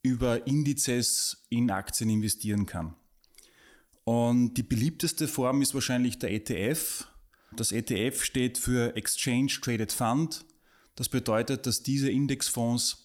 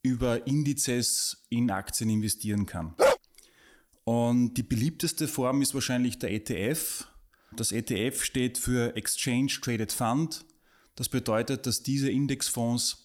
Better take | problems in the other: first | dog barking; loud; at 3 s; peak 4 dB above the speech

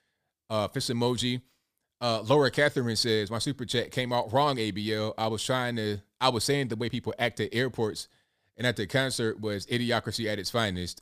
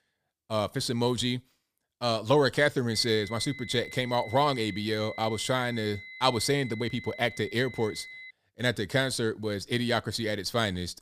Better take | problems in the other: first | high-pitched whine; noticeable; from 3 to 8.5 s; 2 kHz, 15 dB below the speech

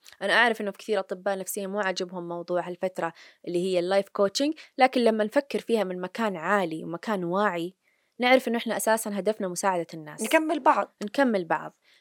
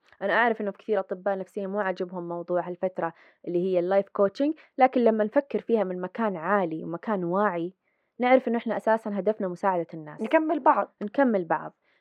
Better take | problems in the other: first | muffled; very; fading above 4 kHz

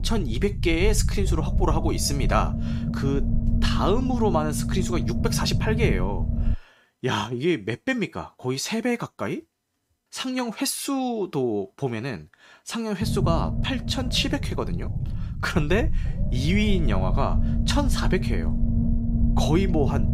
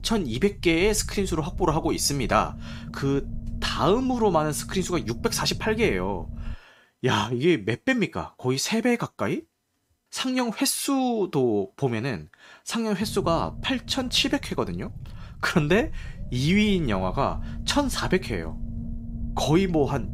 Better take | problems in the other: second | low rumble; loud; until 6.5 s and from 13 s on; 9 dB below the speech; faint in the second

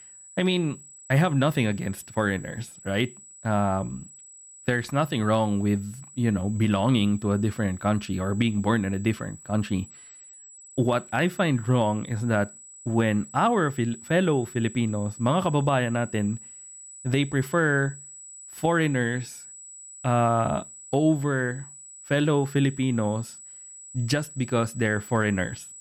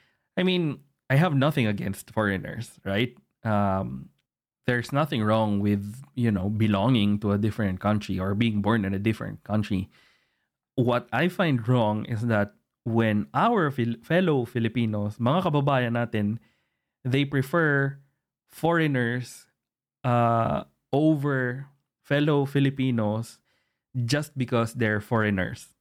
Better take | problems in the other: second | high-pitched whine; noticeable; throughout; 8 kHz, 15 dB below the speech

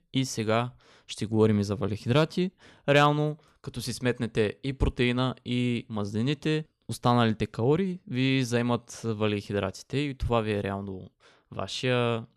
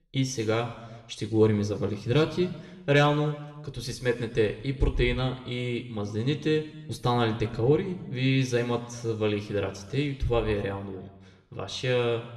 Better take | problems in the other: first | room echo; slight; dies away in 1.1 s

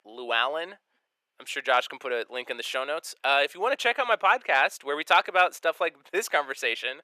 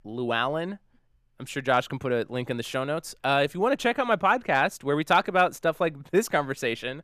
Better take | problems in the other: second | thin; very; fading below 450 Hz

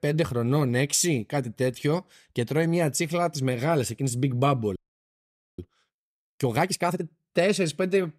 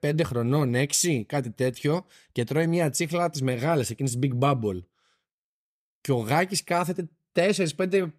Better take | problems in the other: second | audio freezing; at 5 s for 1 s

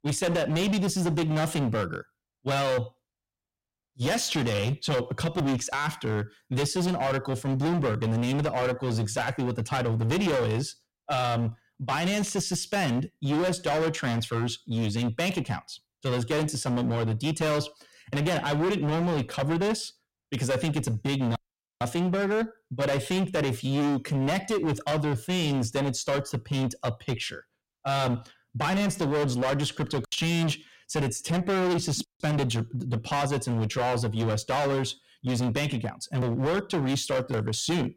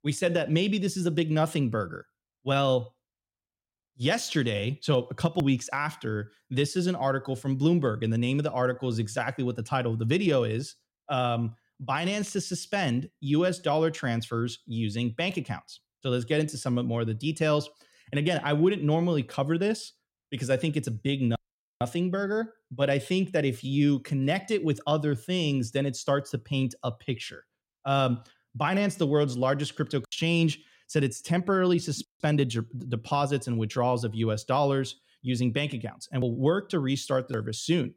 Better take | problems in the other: second | distortion; heavy; 23% of the sound clipped

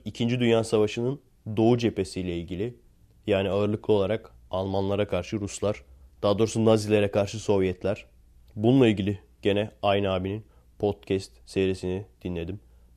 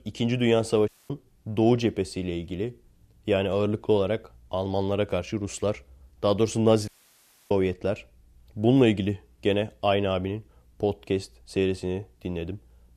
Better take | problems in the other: first | audio cutting out; at 1 s and at 7 s for 0.5 s

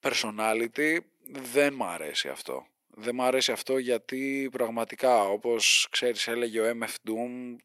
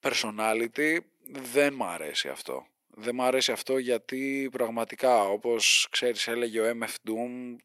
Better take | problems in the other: neither | thin; somewhat; fading below 450 Hz; the same in both

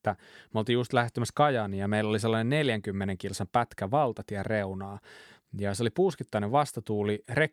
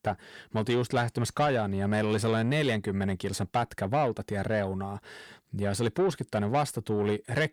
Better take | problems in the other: first | distortion; slight; 10 dB below the speech

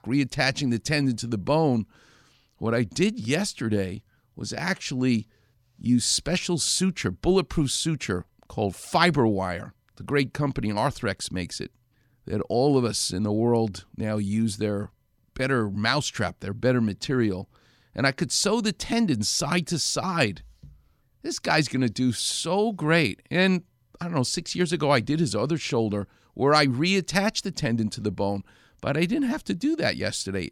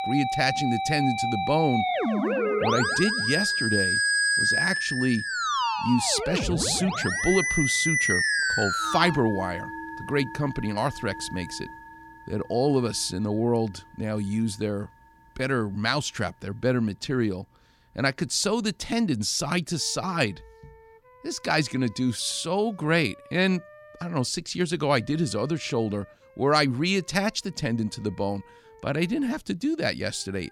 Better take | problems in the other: first | background music; very loud; throughout; 1 dB above the speech

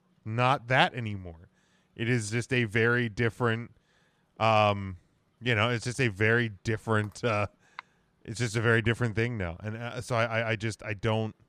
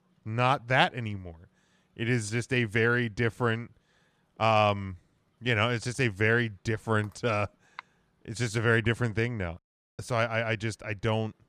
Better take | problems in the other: first | audio cutting out; at 9.5 s

